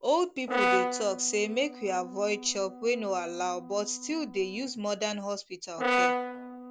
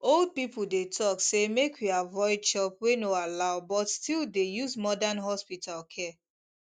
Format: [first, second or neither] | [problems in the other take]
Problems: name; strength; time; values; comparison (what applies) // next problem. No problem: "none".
second | background sound (Brass instrument); 3 dB below the speech